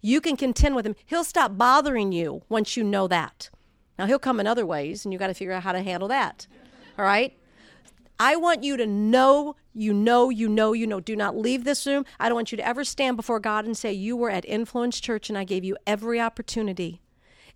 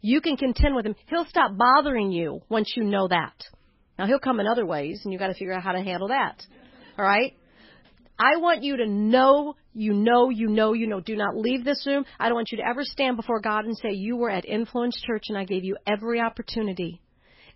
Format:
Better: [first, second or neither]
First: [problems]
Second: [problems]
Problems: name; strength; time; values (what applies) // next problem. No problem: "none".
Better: first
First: none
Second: garbled, watery; badly; nothing above 5.5 kHz